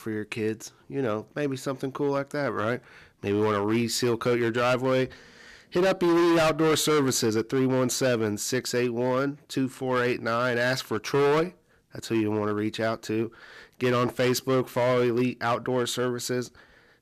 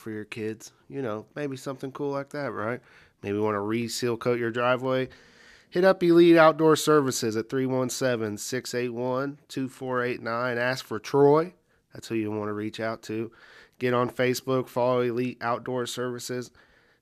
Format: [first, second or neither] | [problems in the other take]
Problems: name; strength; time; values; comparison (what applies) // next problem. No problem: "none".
second | distortion; heavy; 11% of the sound clipped